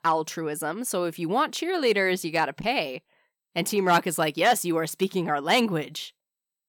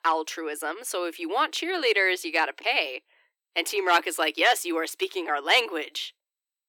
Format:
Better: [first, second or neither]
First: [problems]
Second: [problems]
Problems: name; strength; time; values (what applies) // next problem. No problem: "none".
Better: first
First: none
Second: thin; very; fading below 300 Hz